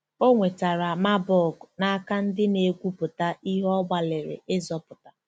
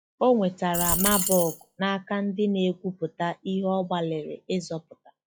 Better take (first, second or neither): first